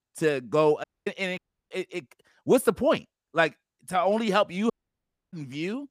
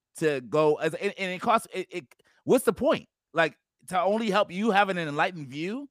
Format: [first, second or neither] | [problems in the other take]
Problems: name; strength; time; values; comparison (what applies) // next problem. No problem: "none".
second | audio cutting out; at 1 s, at 1.5 s and at 4.5 s for 0.5 s